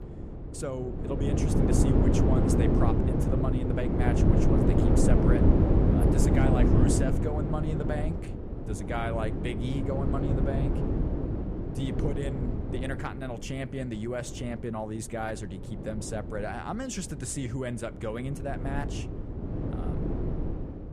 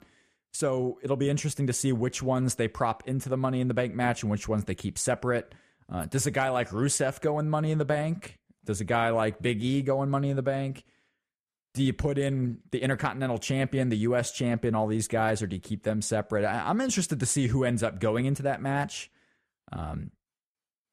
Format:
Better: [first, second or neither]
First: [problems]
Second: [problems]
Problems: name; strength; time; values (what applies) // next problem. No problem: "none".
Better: second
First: wind noise on the microphone; heavy; 3 dB above the speech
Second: none